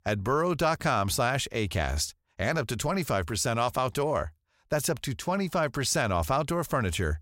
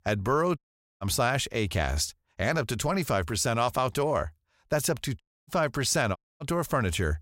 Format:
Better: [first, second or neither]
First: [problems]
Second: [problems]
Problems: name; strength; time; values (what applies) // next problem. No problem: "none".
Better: first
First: none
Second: audio cutting out; at 0.5 s, at 5 s and at 6 s